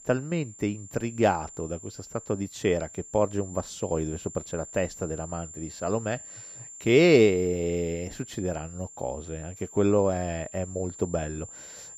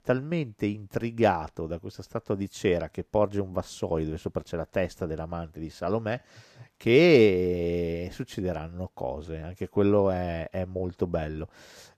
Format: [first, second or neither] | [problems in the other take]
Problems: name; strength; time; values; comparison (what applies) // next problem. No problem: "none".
second | high-pitched whine; noticeable; throughout; 7 kHz, 15 dB below the speech